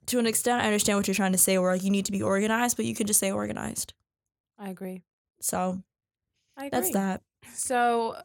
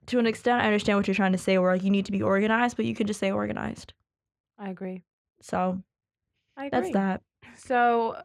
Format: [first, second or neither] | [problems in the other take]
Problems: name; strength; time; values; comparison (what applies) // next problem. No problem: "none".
first | muffled; very; fading above 2.5 kHz